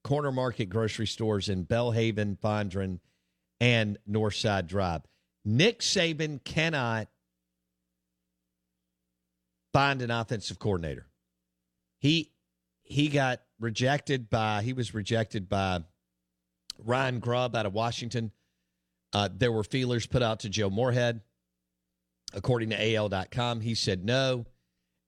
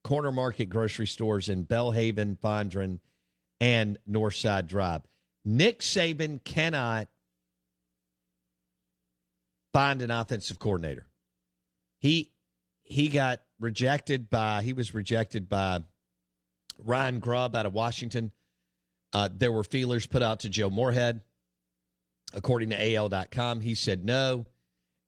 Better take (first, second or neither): first